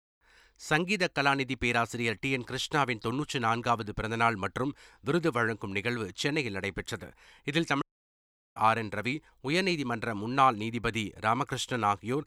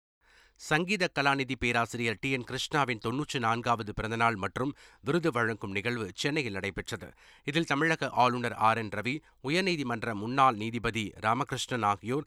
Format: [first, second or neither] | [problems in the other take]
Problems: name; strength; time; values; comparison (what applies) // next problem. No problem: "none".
second | audio cutting out; at 8 s for 0.5 s